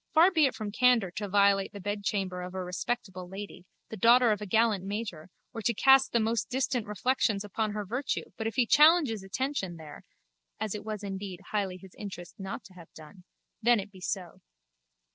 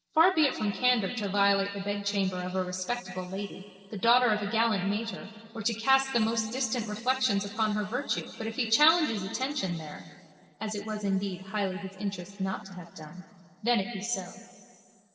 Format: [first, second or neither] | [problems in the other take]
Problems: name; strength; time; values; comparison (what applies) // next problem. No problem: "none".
first | room echo; dies away in 2.4 s